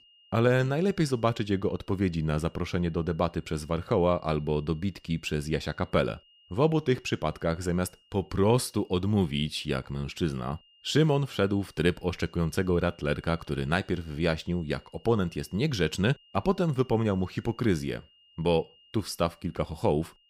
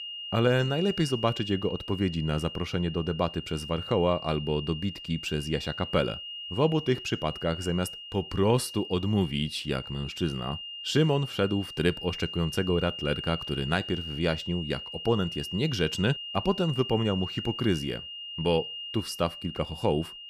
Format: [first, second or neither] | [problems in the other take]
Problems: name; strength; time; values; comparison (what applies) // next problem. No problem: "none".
first | high-pitched whine; loud; throughout; 3 kHz, 8 dB below the speech; faint in the first